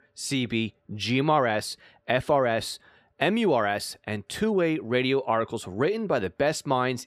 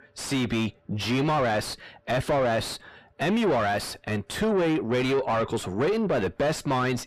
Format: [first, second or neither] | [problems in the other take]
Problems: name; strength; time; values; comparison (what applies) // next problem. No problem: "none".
first | distortion; heavy; 4 dB below the speech